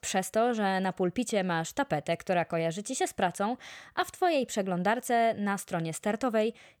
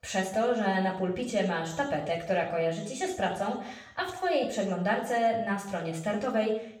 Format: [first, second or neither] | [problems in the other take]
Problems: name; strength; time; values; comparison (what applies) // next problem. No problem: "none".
first | room echo; noticeable; dies away in 0.6 s // off-mic speech; far